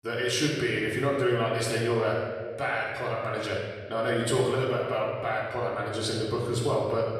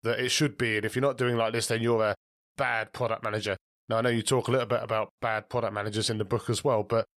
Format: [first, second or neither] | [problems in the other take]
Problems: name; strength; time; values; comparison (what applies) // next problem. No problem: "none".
second | off-mic speech; far // room echo; noticeable; dies away in 1.4 s